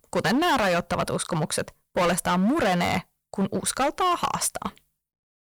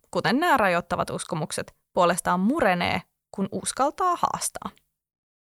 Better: second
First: distortion; heavy; 14% of the sound clipped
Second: none

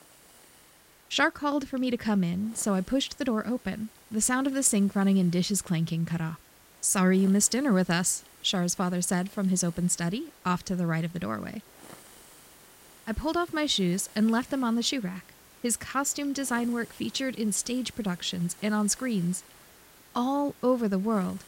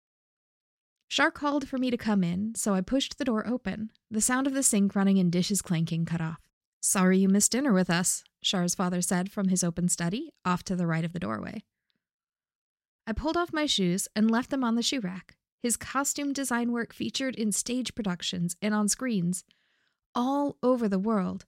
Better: second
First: hiss; faint; throughout; 25 dB below the speech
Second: none

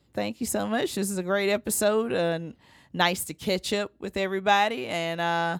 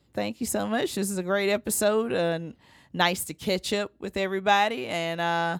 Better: neither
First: none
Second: none

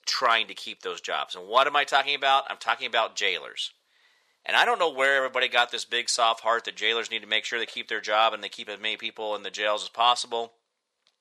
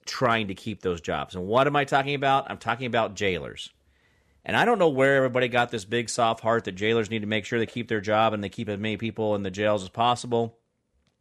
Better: second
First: thin; very; fading below 700 Hz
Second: none

